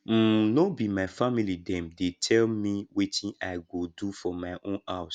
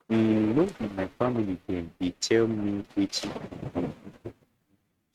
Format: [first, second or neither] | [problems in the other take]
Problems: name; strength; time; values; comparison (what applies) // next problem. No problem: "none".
first | noise reduction (neural mask model RNNoise)